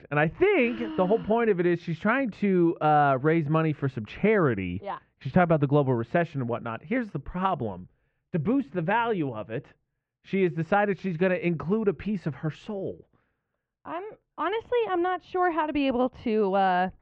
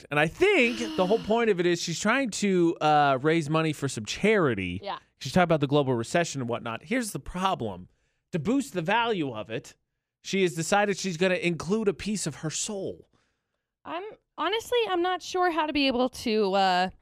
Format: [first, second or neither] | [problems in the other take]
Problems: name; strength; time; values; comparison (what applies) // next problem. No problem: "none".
second | muffled; very; fading above 2 kHz